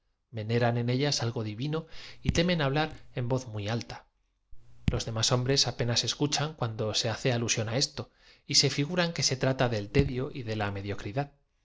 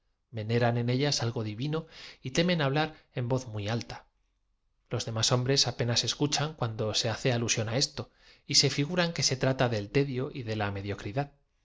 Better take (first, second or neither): second